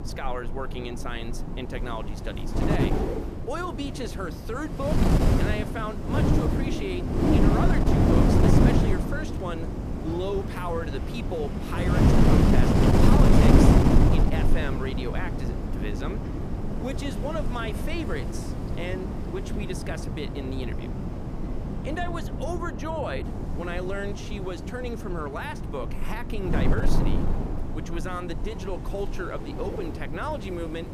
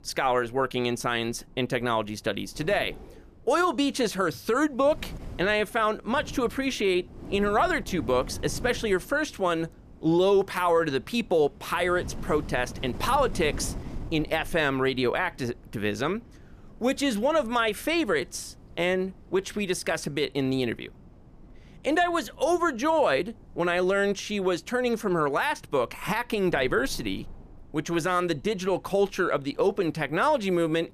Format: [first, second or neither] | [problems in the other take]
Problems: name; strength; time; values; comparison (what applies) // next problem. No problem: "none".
second | wind noise on the microphone; heavy; 3 dB above the speech; occasional gusts in the second